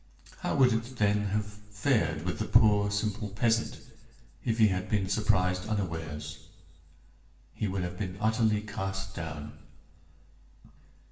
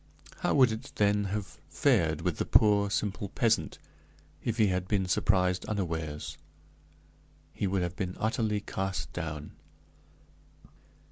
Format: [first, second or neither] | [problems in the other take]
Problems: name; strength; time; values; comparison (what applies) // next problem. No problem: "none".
second | room echo; dies away in 0.9 s